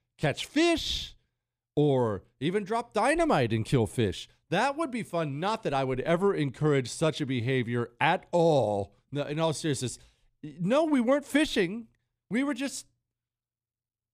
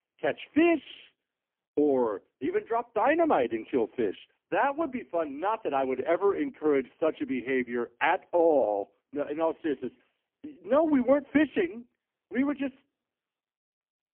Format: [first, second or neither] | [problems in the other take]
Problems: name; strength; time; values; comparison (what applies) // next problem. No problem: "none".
first | phone-call audio; poor line; nothing above 3 kHz